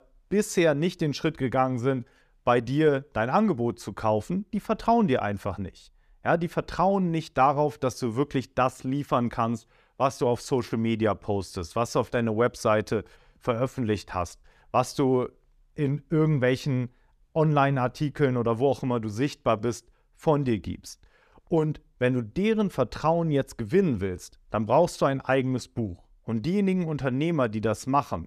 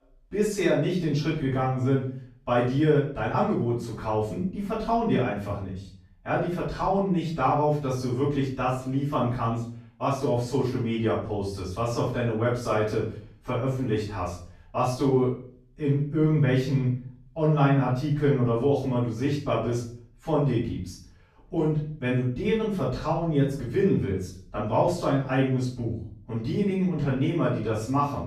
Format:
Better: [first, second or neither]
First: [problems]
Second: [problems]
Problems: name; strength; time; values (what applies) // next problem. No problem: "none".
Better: first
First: none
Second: off-mic speech; far // room echo; noticeable; dies away in 0.5 s